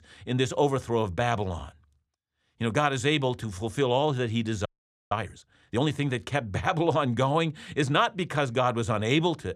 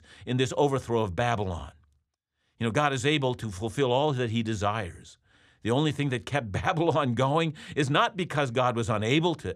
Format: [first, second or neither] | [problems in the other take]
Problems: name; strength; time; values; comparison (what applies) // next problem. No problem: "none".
second | audio freezing; at 4.5 s